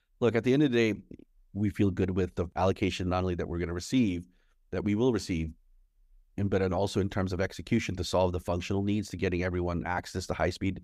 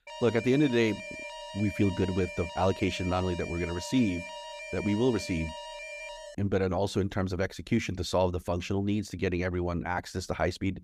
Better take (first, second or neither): first